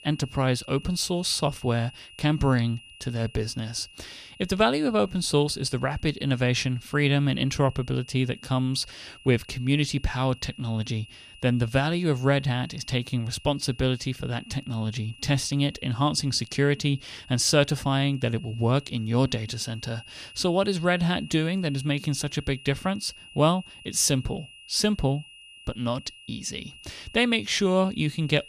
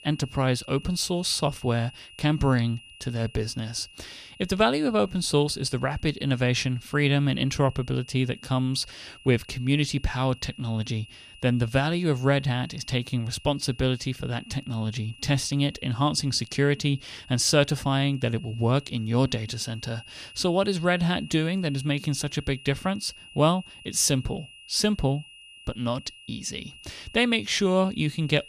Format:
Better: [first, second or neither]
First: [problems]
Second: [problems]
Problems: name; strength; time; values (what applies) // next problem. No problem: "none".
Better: neither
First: high-pitched whine; faint; throughout; 3 kHz, 20 dB below the speech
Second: high-pitched whine; faint; throughout; 3 kHz, 20 dB below the speech